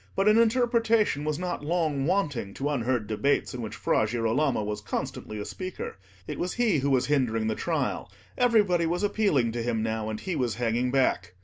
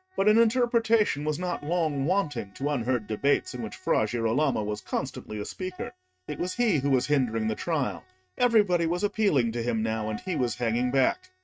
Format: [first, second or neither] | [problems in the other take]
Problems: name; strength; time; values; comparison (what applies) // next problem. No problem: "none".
first | noise reduction (neural mask model RNNoise)